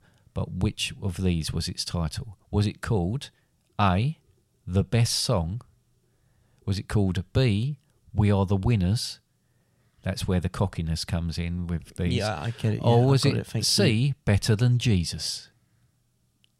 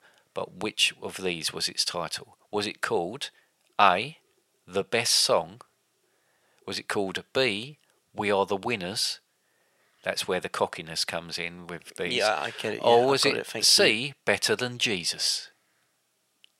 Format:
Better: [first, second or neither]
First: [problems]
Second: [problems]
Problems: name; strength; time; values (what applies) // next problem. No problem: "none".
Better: first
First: none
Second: thin; very; fading below 500 Hz